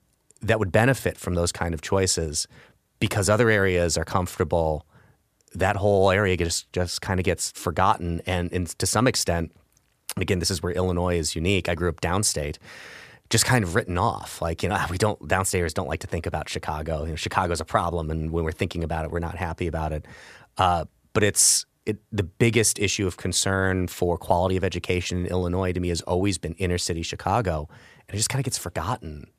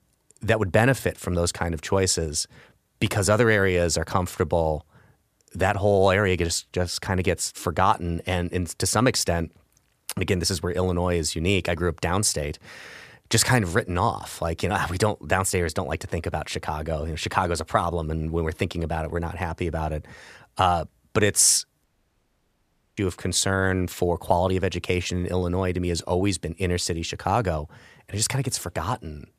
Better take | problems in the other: first | audio cutting out; at 22 s for 1 s

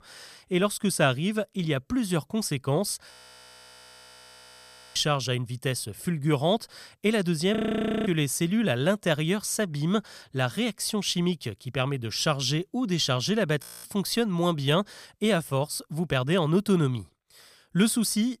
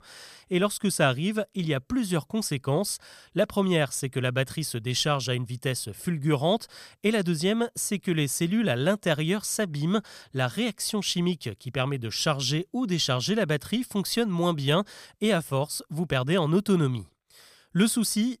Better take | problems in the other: second | audio freezing; at 3 s for 2 s, at 7.5 s for 0.5 s and at 14 s

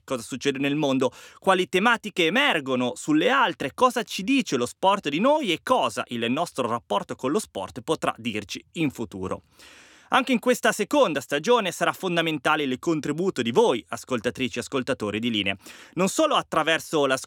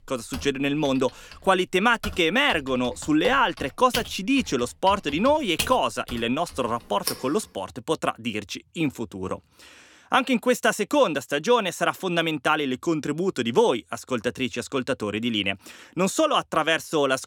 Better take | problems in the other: first | household noises; noticeable; until 7.5 s; 10 dB below the speech

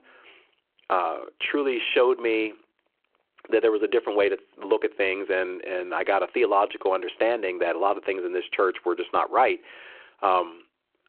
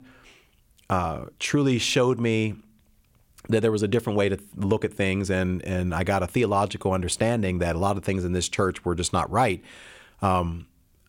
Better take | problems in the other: second | phone-call audio

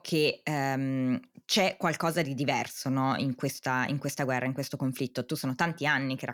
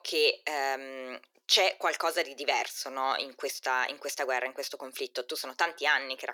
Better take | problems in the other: first | thin; very; fading below 400 Hz

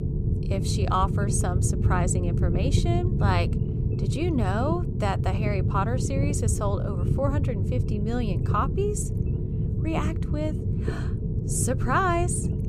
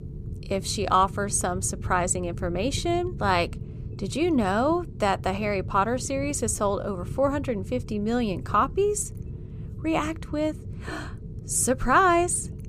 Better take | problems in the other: second | low rumble; loud; throughout; 8 dB below the speech; faint in the second

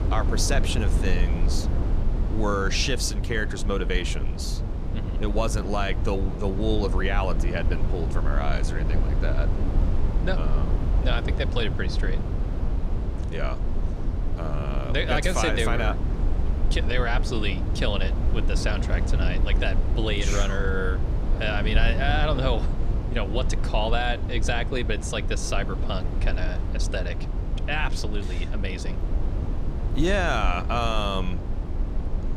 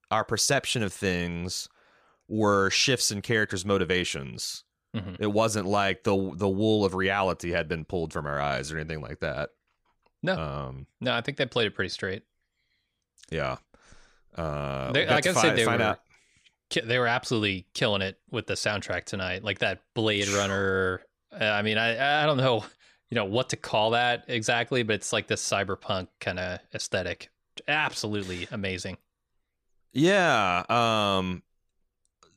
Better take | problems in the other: second | low rumble; loud; throughout; 10 dB below the speech

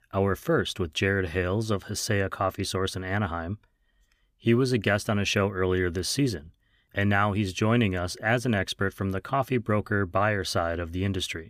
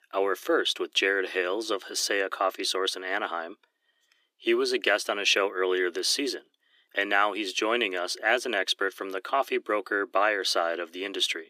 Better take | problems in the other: first | thin; very; fading below 300 Hz

